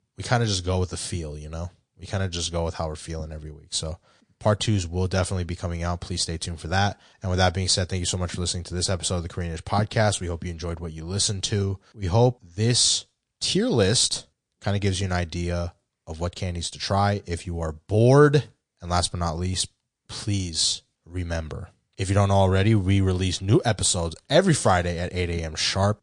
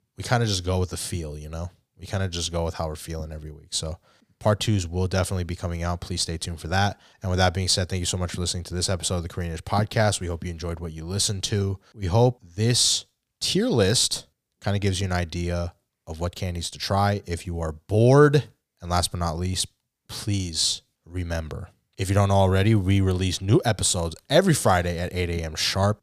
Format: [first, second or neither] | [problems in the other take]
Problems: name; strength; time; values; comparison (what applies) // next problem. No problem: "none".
second | garbled, watery; slightly; nothing above 9 kHz